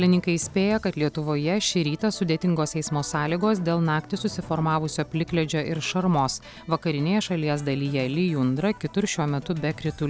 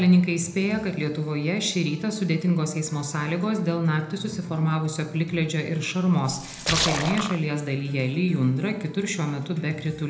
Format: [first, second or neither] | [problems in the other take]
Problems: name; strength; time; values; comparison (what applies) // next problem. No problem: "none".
first | background sound (Splash, splatter); 4 dB below the speech // room echo; dies away in 0.7 s